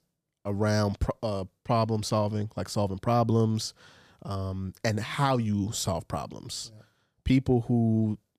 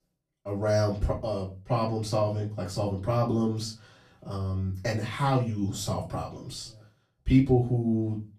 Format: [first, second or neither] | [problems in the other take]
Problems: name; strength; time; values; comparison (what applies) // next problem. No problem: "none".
first | off-mic speech; far // room echo; very slight; dies away in 0.3 s